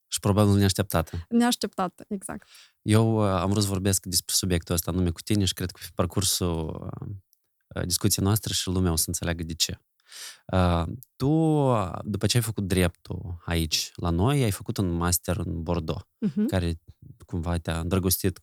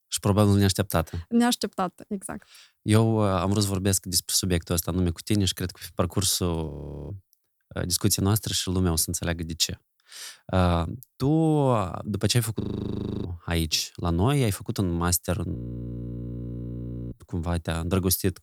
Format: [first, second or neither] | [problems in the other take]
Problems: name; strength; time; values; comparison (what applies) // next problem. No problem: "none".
first | audio freezing; at 6.5 s, at 13 s for 0.5 s and at 16 s for 1.5 s